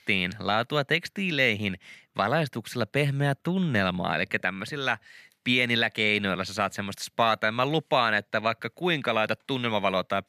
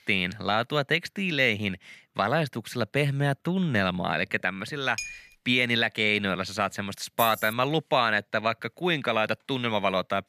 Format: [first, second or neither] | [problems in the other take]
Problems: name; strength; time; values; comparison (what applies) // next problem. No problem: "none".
first | clattering dishes; noticeable; at 5 s; peak 9 dB below the speech // jangling keys; noticeable; at 7 s; peak 7 dB below the speech